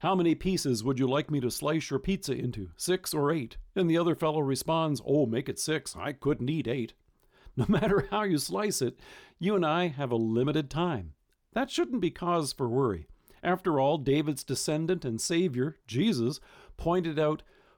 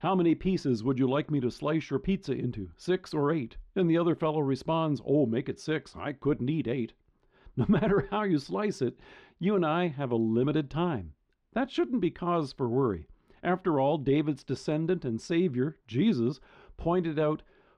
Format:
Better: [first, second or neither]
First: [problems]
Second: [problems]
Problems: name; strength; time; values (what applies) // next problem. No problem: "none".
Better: first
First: none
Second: muffled; slightly; fading above 3 kHz